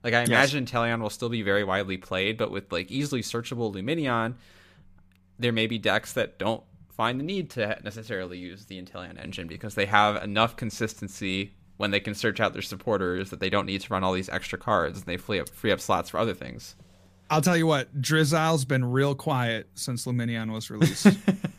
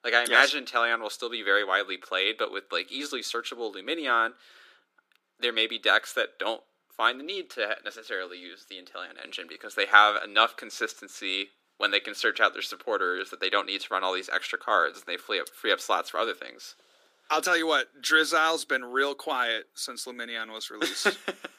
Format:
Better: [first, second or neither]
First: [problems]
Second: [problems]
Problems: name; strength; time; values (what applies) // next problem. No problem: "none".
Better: first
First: none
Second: thin; very; fading below 300 Hz